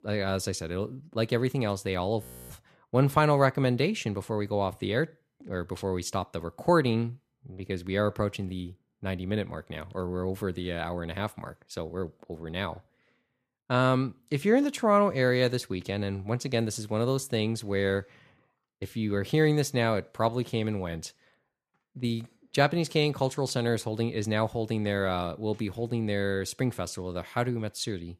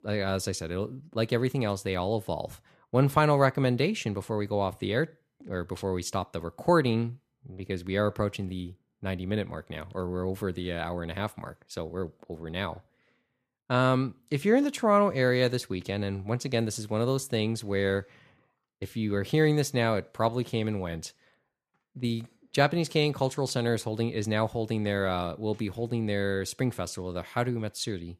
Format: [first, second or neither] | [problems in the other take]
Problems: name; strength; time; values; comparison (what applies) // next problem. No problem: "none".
second | audio freezing; at 2 s